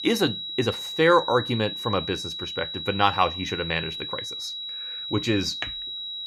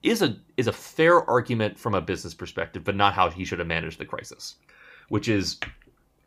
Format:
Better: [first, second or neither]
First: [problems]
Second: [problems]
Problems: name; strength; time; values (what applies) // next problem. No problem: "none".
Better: second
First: high-pitched whine; loud; throughout; 4 kHz, 6 dB below the speech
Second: none